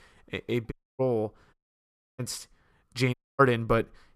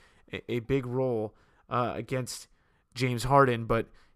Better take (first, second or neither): second